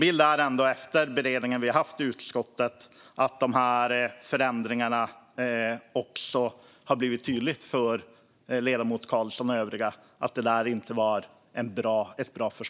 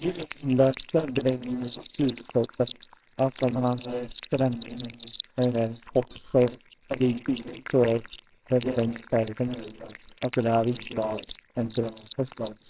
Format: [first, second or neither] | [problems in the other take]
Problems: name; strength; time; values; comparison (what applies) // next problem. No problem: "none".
first | noise reduction (neural separator model SepFormer WHAMR!)